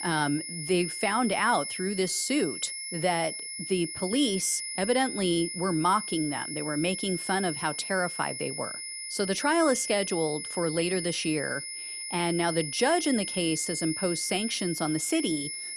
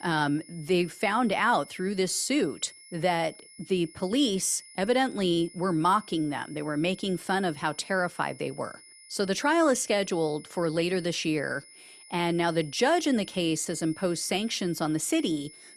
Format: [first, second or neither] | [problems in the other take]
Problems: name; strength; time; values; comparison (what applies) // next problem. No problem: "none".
second | high-pitched whine; loud; throughout; 10.5 kHz, 5 dB below the speech; faint in the second